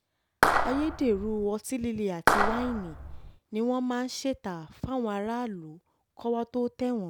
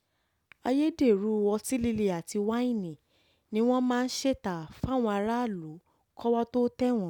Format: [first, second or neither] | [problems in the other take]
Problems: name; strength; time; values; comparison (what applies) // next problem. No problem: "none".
second | background sound (Clapping); 3 dB above the speech